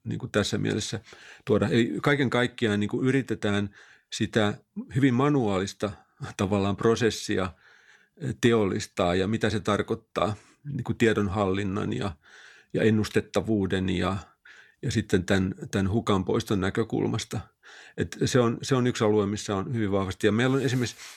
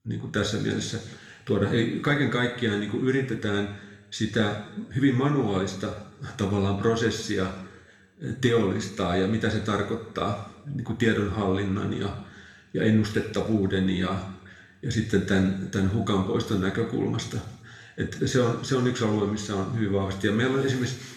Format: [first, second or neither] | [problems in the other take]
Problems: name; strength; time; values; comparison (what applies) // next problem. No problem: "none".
first | room echo; noticeable; dies away in 1 s // off-mic speech; somewhat distant